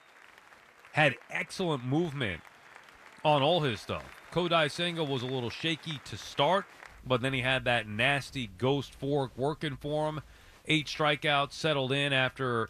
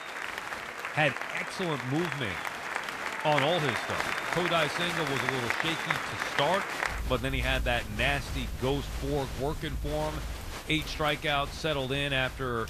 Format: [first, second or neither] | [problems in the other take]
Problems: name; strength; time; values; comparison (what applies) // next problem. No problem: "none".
first | crowd noise; loud; throughout; 3 dB below the speech; faint in the first